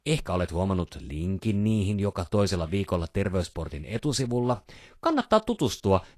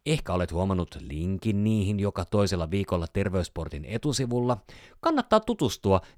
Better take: second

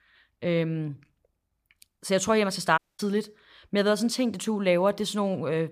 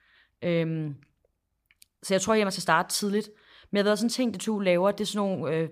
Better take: second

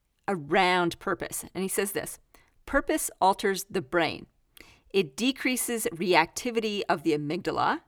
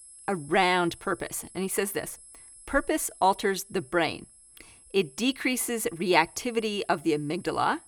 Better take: first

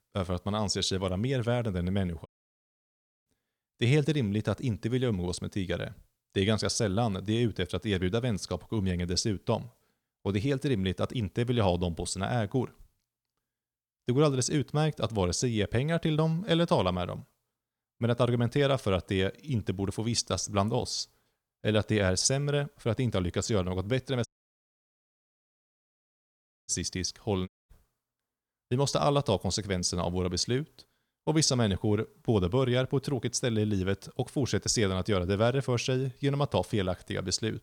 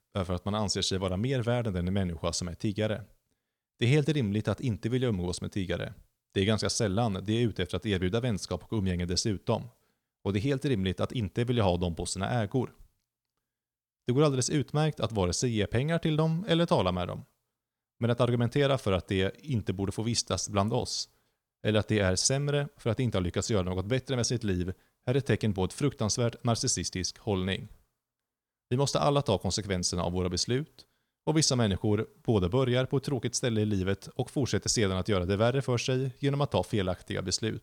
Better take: second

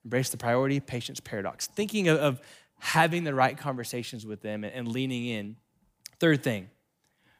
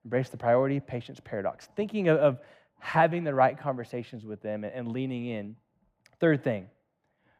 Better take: first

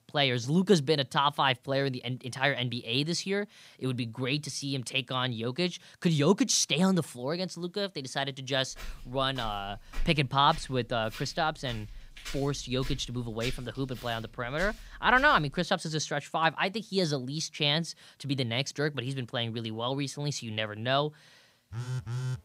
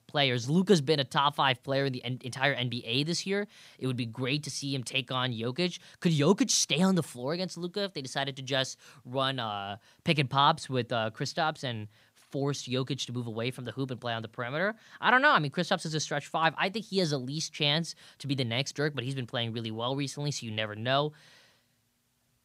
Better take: second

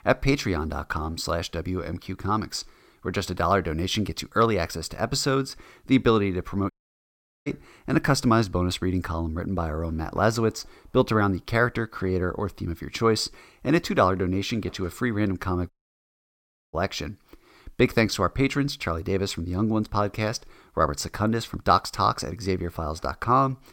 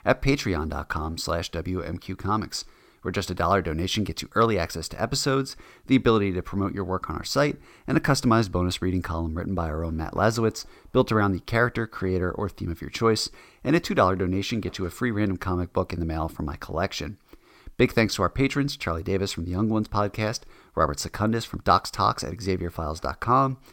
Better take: second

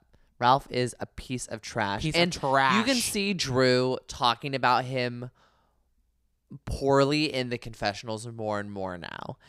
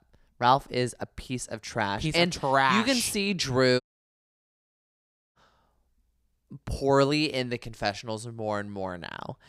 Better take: first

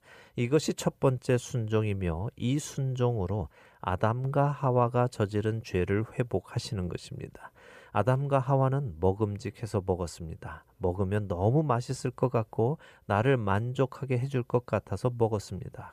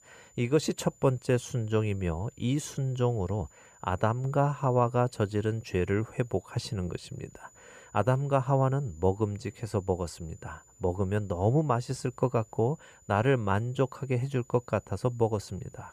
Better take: first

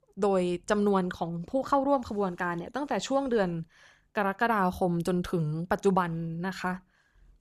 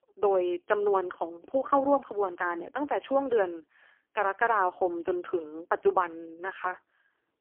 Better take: first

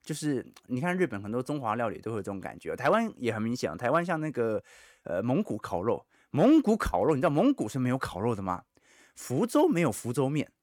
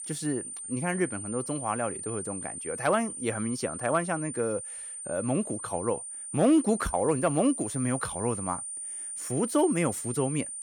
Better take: first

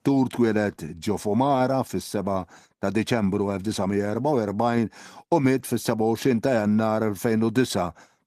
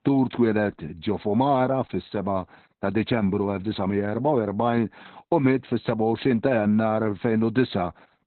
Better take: first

